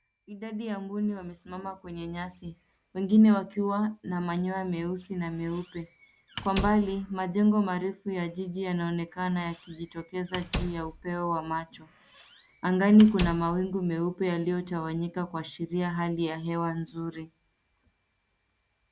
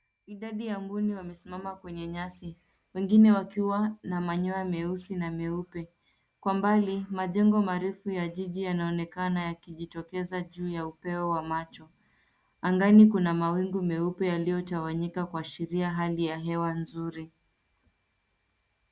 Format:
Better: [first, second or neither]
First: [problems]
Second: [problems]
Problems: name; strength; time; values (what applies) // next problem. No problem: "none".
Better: second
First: background sound (Squeak / Slam); 11 dB below the speech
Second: none